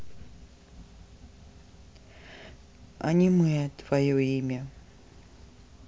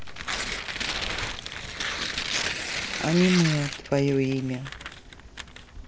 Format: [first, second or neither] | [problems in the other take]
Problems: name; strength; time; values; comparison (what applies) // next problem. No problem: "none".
first | background sound (Tearing); 4 dB below the speech